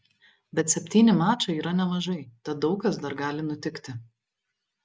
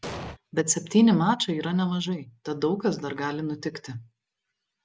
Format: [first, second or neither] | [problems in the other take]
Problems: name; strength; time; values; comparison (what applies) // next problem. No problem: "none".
first | background sound (Explosion); 8 dB below the speech